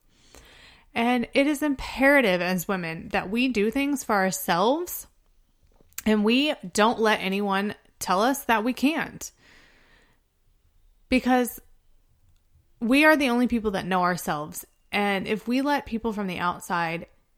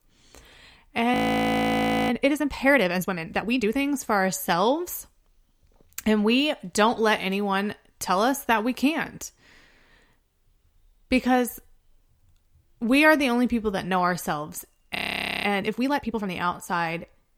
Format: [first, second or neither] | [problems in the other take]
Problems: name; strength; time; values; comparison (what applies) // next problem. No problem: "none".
first | audio freezing; at 1 s for 1 s and at 15 s for 0.5 s